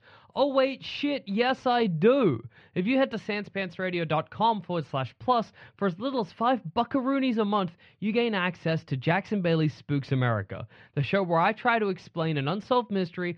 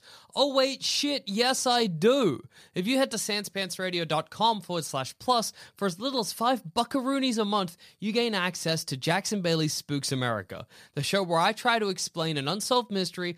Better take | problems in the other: second | muffled; very; fading above 2.5 kHz

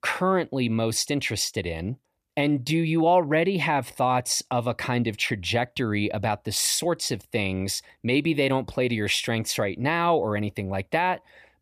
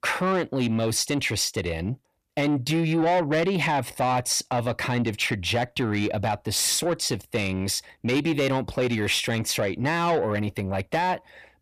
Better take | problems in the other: first | distortion; slight; 10 dB below the speech

